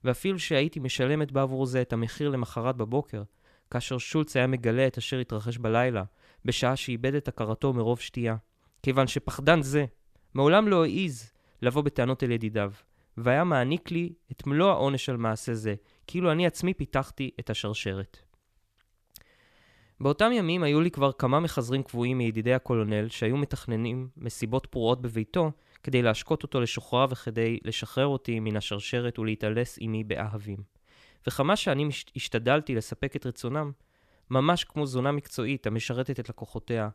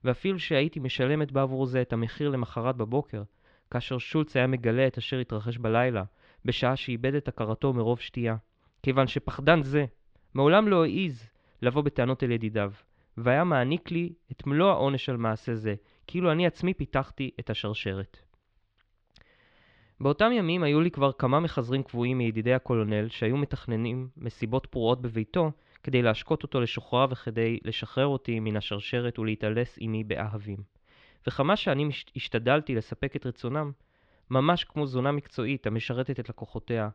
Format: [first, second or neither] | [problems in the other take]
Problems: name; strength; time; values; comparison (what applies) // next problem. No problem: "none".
first | muffled; slightly; fading above 4 kHz